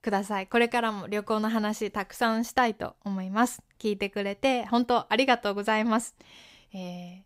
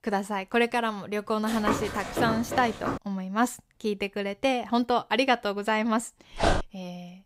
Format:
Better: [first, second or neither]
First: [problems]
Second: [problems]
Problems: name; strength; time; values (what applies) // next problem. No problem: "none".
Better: first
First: none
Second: footsteps; noticeable; from 1.5 to 3 s; peak 2 dB below the speech // dog barking; loud; at 6.5 s; peak 1 dB above the speech